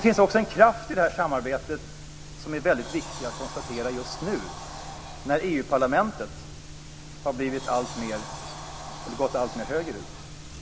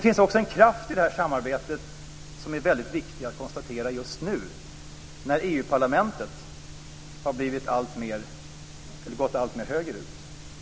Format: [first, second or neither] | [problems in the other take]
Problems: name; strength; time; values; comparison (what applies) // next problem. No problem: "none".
second | background sound (Sliding door); 15 dB below the speech